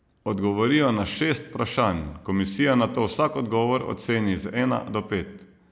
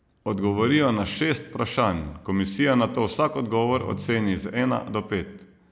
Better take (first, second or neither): first